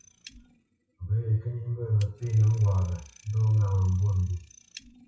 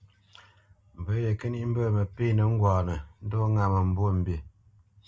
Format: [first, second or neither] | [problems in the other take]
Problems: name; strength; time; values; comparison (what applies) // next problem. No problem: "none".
second | noise reduction (classical method WPE with log-MMSE)